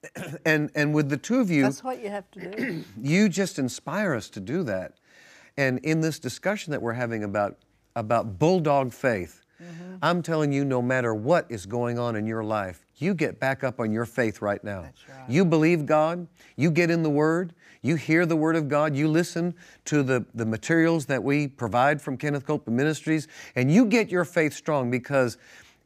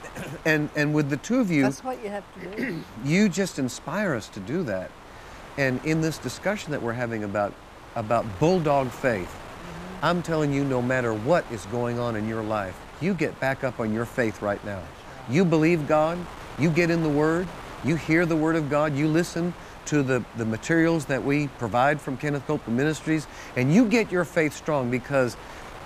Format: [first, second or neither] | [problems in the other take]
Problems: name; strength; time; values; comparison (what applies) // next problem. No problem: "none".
first | wind noise on the microphone; occasional gusts; 15 dB below the speech